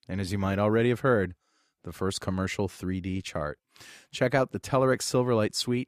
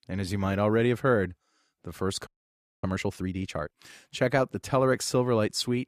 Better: first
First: none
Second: audio freezing; at 2.5 s for 0.5 s

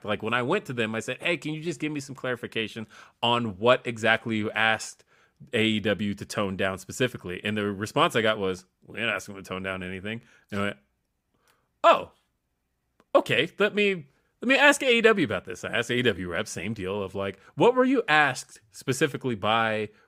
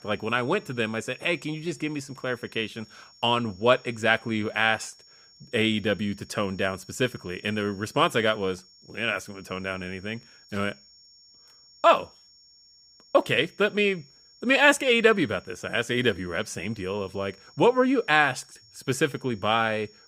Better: first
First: none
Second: high-pitched whine; faint; throughout; 5.5 kHz, 25 dB below the speech

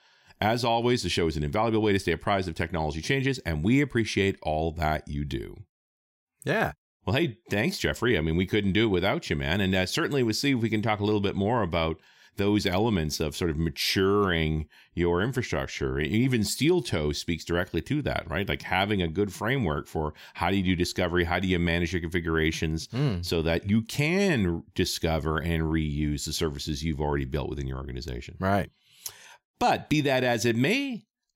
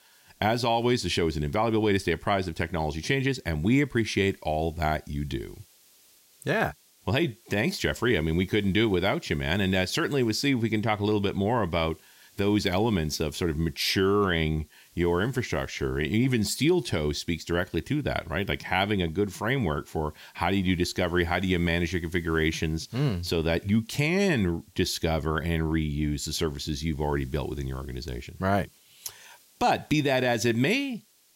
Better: first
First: none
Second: hiss; faint; throughout; 30 dB below the speech

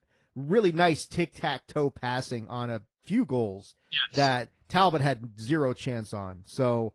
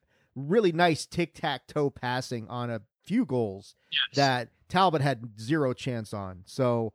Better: second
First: garbled, watery; slightly; nothing above 10 kHz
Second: none

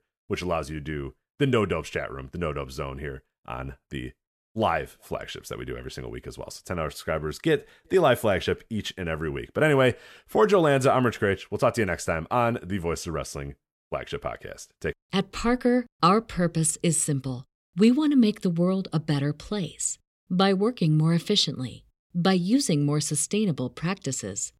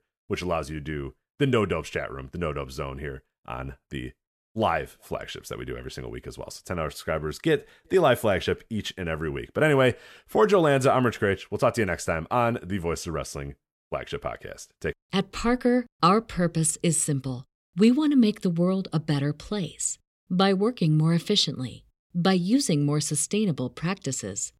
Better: neither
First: none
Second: none

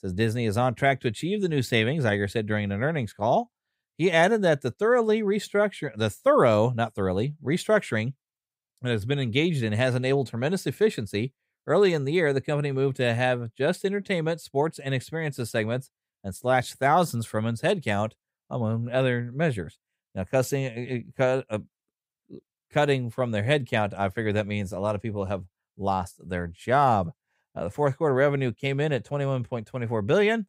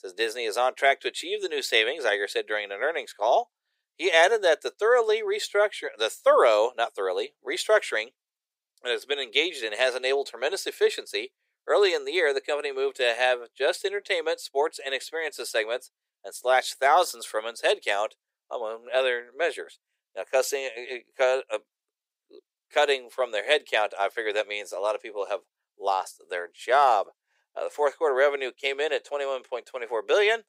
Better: first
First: none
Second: thin; very; fading below 400 Hz

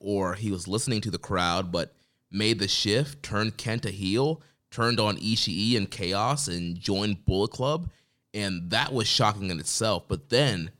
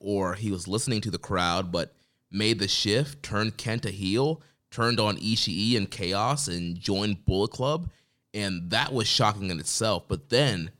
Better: neither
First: none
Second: none

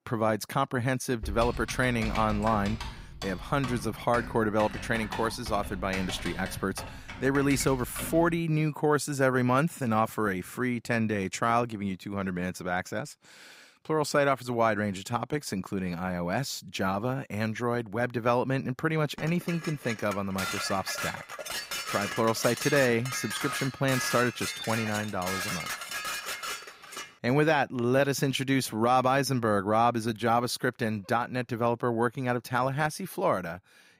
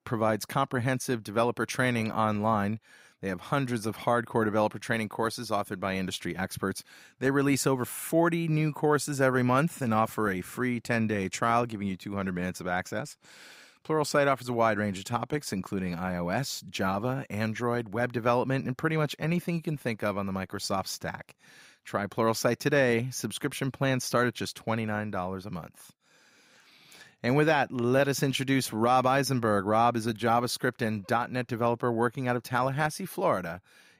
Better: second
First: keyboard typing; noticeable; from 1 to 8.5 s; peak 7 dB below the speech // clattering dishes; noticeable; from 19 to 27 s; peak 3 dB below the speech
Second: none

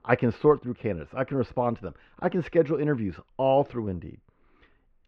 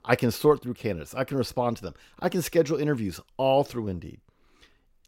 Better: second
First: muffled; very; fading above 2.5 kHz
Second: none

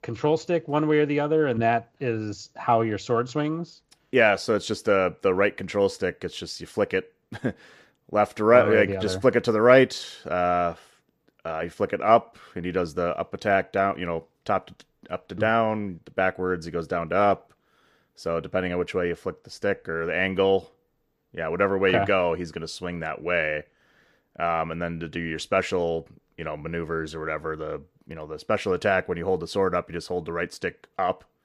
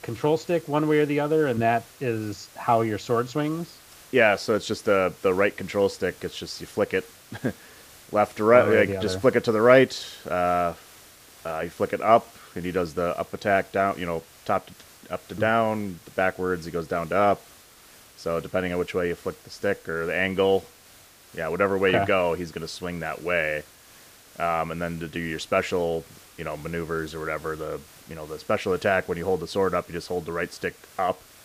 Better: first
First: none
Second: hiss; faint; throughout; 25 dB below the speech

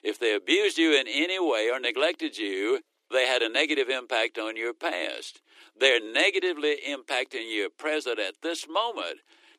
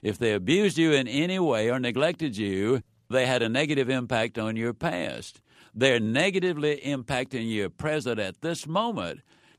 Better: second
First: thin; somewhat; fading below 300 Hz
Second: none

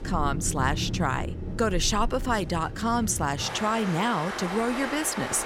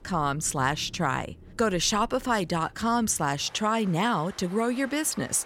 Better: second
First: rain or running water; loud; throughout; 7 dB below the speech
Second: rain or running water; faint; throughout; 20 dB below the speech

